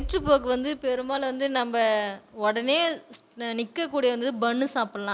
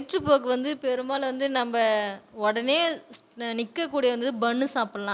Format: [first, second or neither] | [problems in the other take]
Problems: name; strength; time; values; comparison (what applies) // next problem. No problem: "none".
second | background sound (Bass drum); 19 dB below the speech